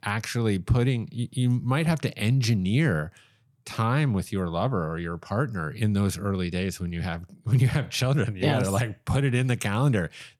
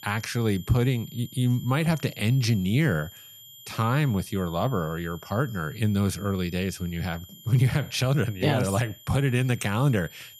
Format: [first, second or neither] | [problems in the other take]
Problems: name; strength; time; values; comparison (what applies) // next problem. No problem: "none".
first | high-pitched whine; noticeable; throughout; 3 kHz, 20 dB below the speech